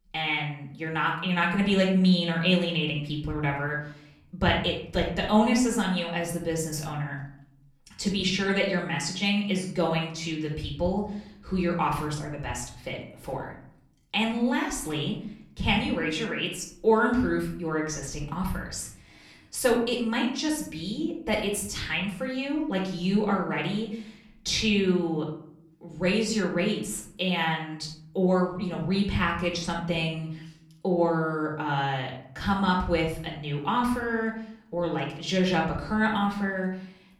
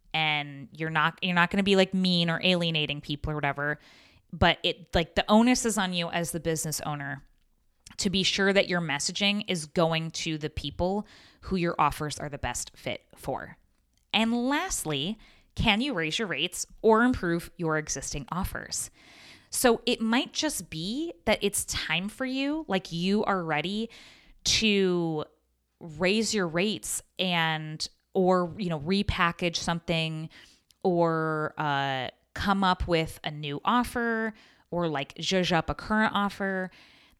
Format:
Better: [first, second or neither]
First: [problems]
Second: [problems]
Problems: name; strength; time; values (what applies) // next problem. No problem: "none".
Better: second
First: off-mic speech; far // room echo; noticeable; dies away in 0.6 s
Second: none